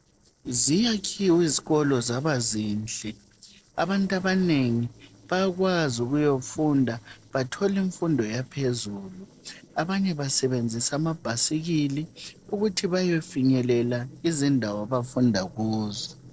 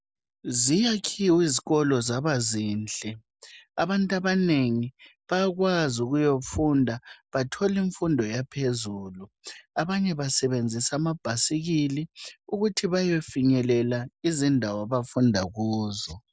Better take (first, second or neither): second